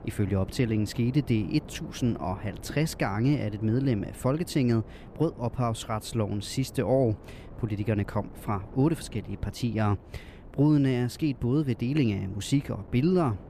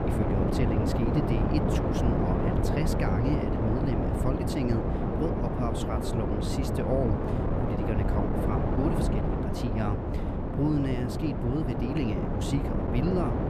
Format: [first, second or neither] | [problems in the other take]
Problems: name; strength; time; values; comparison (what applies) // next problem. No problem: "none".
first | wind noise on the microphone; heavy; 3 dB above the speech; occasional gusts in the first